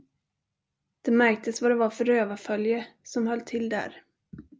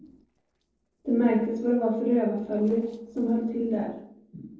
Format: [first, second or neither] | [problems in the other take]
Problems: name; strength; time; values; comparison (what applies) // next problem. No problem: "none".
first | noise reduction (neural separator model SepFormer DNS4)